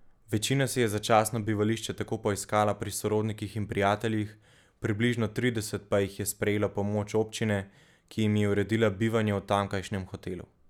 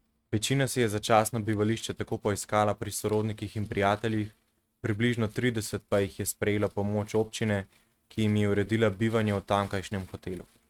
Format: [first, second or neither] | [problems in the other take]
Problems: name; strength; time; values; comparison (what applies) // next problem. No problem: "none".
first | noise reduction (neural mask model RNNoise)